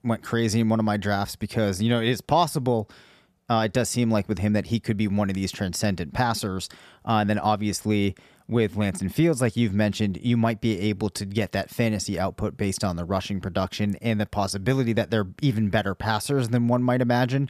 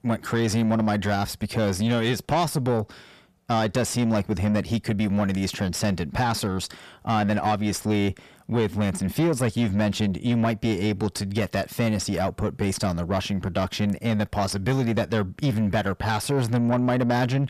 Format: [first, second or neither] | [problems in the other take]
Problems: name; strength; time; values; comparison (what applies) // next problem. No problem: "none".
first | distortion; slight; 10 dB below the speech